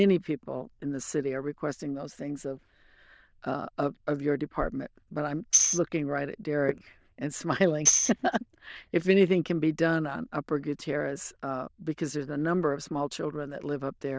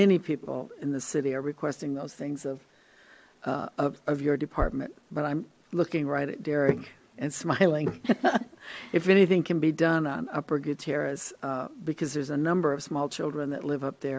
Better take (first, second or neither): second